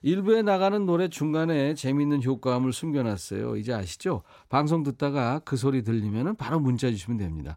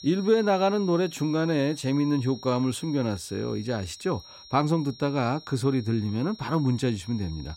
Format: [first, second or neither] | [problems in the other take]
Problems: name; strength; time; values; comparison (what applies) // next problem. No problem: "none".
first | high-pitched whine; noticeable; throughout; 5.5 kHz, 20 dB below the speech